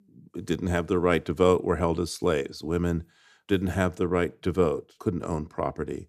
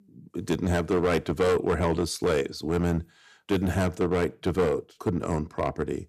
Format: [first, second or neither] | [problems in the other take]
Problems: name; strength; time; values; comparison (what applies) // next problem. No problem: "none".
first | distortion; heavy; 7% of the sound clipped